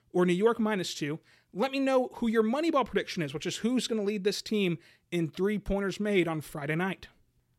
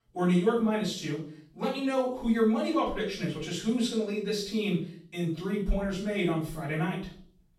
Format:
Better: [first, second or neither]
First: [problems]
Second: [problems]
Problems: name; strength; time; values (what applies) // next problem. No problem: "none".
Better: first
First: none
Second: off-mic speech; far // room echo; noticeable; dies away in 0.5 s